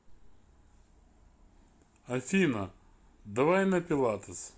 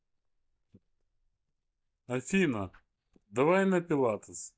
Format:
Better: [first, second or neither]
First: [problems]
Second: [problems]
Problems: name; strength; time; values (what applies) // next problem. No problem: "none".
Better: first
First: none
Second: noise reduction (neural mask model DeepFilterNet 3)